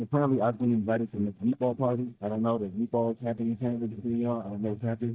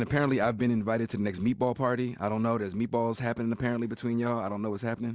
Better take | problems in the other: second | noise reduction (neural mask model DeepFilterNet 3)

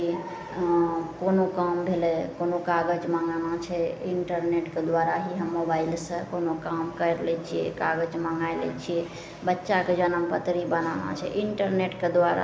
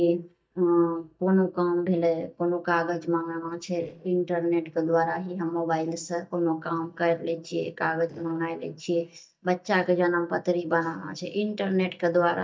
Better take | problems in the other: first | noise reduction (neural mask model DeepFilterNet 3)

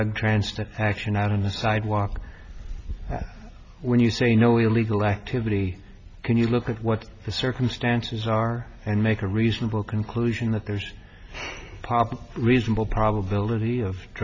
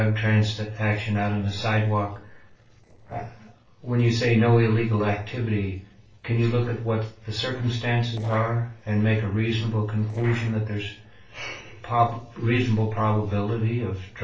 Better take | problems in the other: first | noise reduction (neural separator model SepFormer DNS4)

